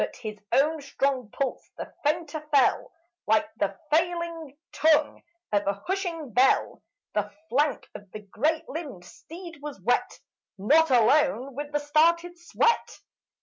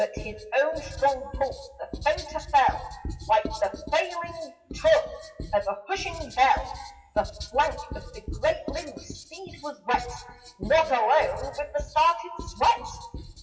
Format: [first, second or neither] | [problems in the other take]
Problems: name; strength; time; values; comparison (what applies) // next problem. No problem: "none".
first | noise reduction (classical method WPE with log-MMSE)